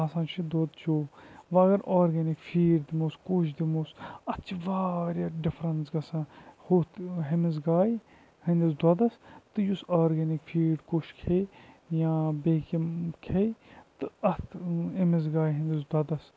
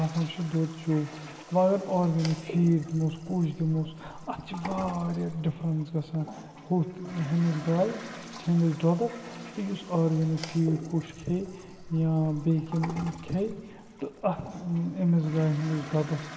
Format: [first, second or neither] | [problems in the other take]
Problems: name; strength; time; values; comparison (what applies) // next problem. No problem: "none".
first | background sound (Toilet flush); 16 dB below the speech // room echo; dies away in 1.9 s